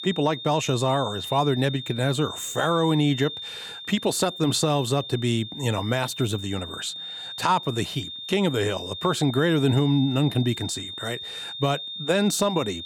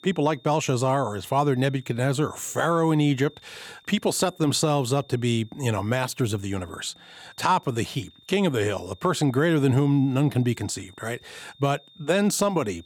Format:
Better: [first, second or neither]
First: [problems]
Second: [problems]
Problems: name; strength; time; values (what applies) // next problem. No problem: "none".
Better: second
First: high-pitched whine; loud; throughout; 3.5 kHz, 9 dB below the speech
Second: high-pitched whine; faint; throughout; 3.5 kHz, 30 dB below the speech